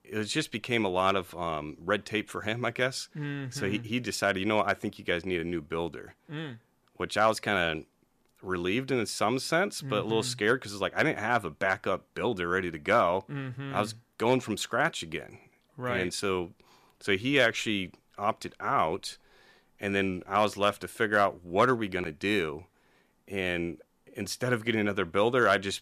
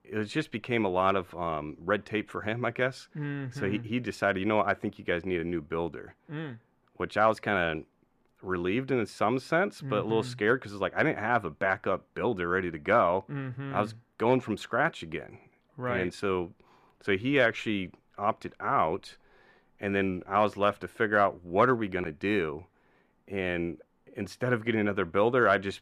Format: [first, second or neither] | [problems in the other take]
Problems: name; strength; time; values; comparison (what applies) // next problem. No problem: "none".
first | muffled; slightly; fading above 3 kHz